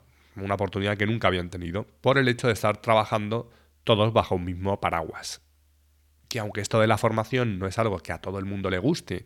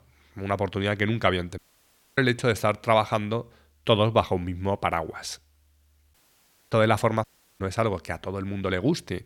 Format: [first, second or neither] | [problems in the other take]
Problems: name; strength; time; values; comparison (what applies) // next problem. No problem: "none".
first | audio cutting out; at 1.5 s for 0.5 s, at 6 s for 0.5 s and at 7 s